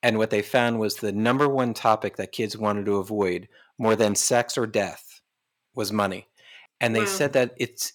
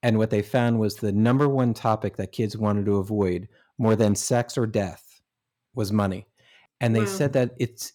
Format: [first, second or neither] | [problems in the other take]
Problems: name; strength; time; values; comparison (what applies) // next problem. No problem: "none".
second | thin; somewhat; fading below 1 kHz